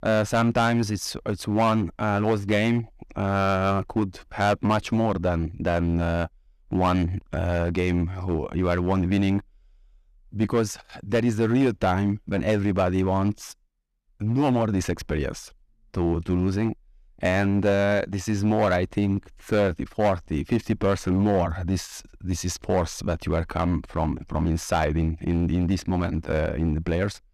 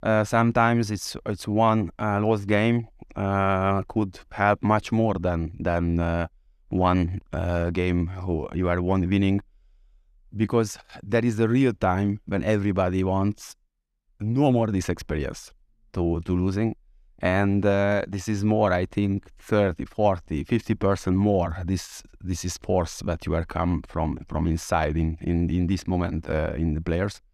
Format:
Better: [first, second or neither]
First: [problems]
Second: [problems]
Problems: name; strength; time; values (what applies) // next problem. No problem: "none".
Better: second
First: distortion; slight; 6% of the sound clipped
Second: none